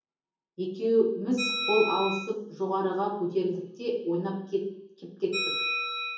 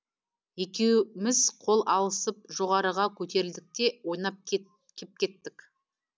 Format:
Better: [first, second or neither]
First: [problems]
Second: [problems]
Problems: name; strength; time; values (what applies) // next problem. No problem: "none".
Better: second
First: background sound (Bell); 6 dB below the speech // room echo; dies away in 0.7 s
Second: none